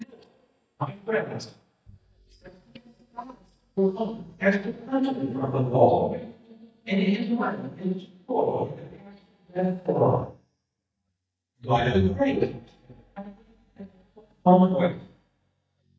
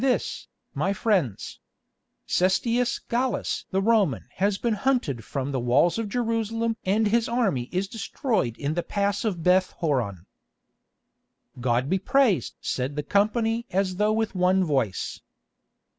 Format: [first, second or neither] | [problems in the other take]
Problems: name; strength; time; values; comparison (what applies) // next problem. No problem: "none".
second | noise reduction (neural mask model DeepFilterNet 3)